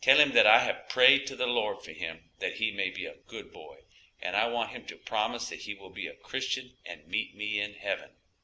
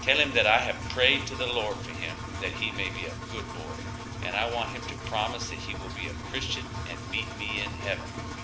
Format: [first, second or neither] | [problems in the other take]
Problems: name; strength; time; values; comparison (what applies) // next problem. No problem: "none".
first | background sound (Engine); 6 dB below the speech